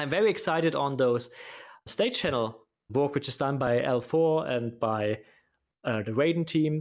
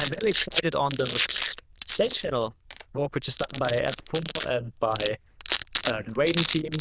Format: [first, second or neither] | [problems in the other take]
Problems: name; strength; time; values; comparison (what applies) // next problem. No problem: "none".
first | noise reduction (neural diffusion model UNIVERSE++)